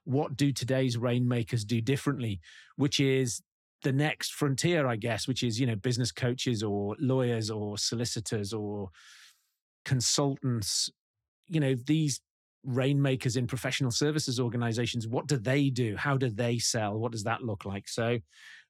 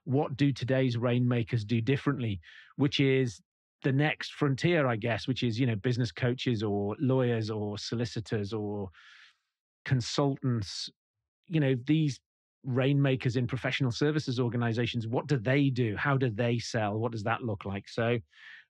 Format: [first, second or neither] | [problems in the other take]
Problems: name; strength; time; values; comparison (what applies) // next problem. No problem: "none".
first | muffled; slightly; fading above 3 kHz